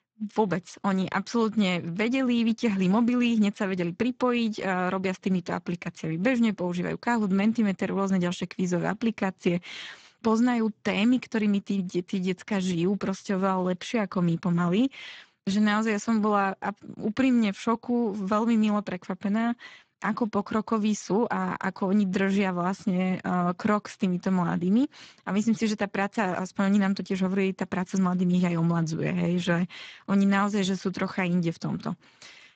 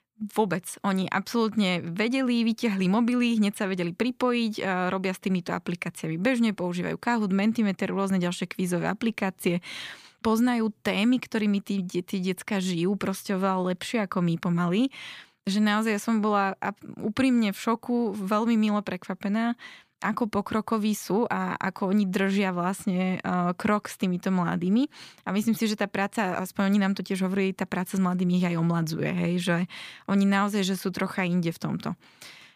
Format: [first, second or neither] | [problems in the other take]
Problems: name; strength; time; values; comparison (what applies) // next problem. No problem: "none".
second | garbled, watery; badly; nothing above 7.5 kHz